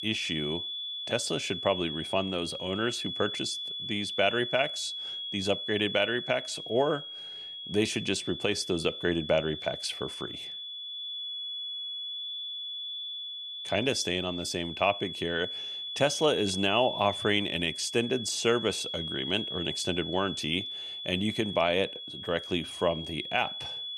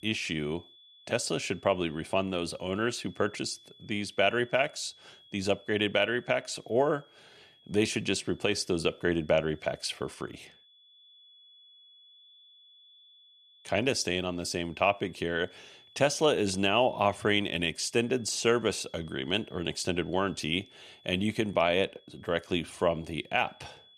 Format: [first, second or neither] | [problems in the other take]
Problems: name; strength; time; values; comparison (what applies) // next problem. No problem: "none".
second | high-pitched whine; loud; throughout; 3.5 kHz, 5 dB below the speech; faint in the second